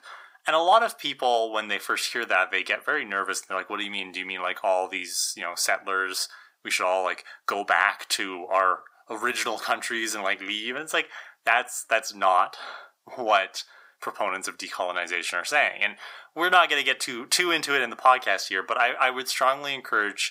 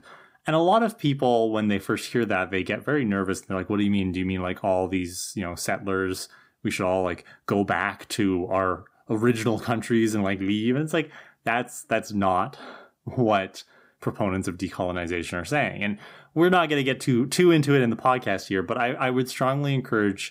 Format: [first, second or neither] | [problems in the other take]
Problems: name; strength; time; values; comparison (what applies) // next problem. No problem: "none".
second | thin; very; fading below 900 Hz